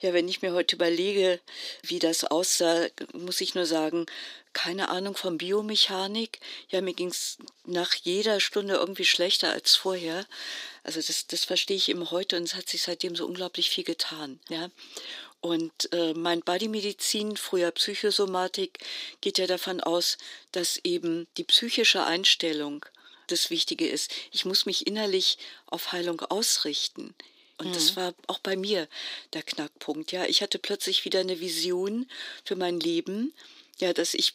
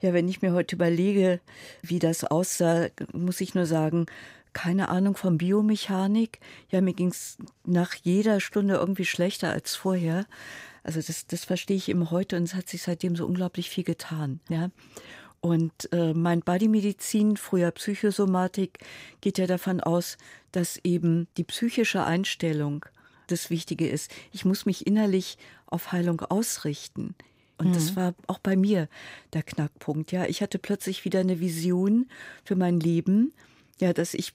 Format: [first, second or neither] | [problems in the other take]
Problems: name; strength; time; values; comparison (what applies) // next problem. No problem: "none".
second | thin; somewhat; fading below 300 Hz